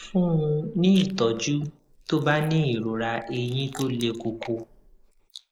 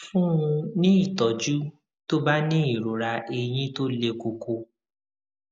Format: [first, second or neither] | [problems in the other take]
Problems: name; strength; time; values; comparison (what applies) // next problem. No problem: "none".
second | noise reduction (neural mask model Resemble Enhance denoiser)